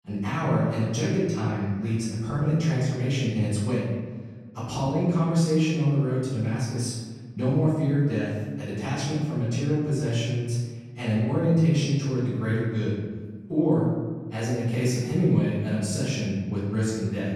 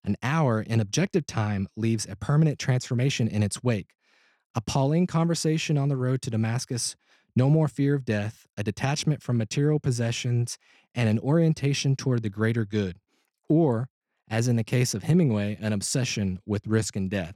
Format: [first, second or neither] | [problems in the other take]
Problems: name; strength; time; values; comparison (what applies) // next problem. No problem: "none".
second | off-mic speech; far // room echo; strong; dies away in 1.4 s